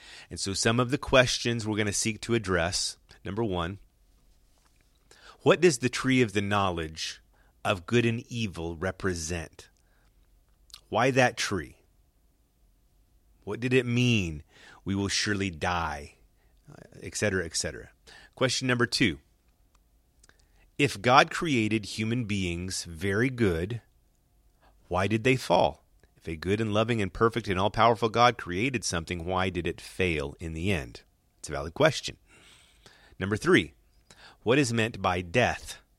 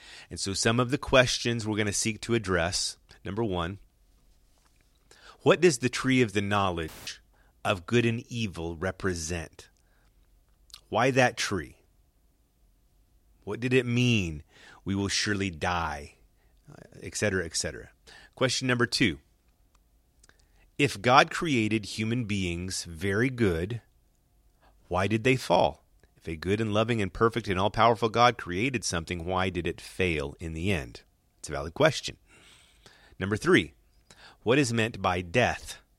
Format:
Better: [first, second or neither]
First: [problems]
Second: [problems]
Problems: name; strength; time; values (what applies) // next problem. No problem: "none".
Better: first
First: none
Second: audio cutting out; filled with static; at 7 s